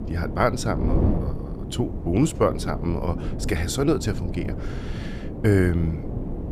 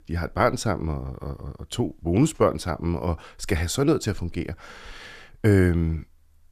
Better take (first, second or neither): second